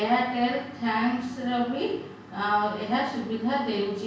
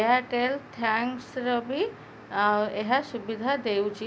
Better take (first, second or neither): second